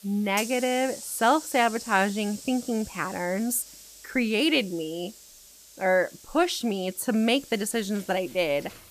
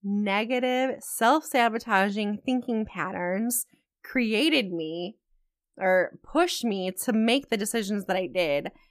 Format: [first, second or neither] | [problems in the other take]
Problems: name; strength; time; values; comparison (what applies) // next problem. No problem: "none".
second | hiss; noticeable; throughout; 15 dB below the speech